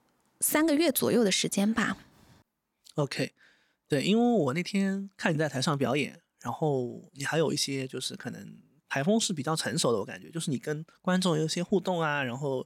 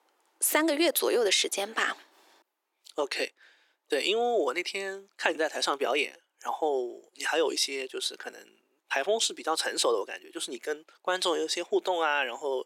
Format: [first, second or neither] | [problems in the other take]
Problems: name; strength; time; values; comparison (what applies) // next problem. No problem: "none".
first | thin; very; fading below 350 Hz